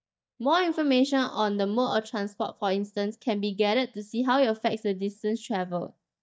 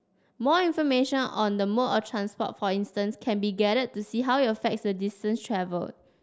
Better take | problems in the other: second | noise reduction (neural mask model DeepFilterNet 3)

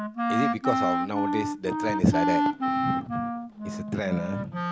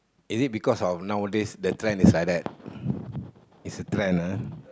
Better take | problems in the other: second | background sound (Wind instrument, woodwind instrument); 2 dB above the speech

